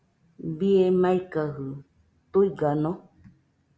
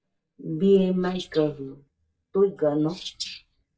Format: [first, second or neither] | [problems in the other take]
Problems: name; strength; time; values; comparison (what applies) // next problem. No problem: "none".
first | noise reduction (neural mask model DeepFilterNet 3)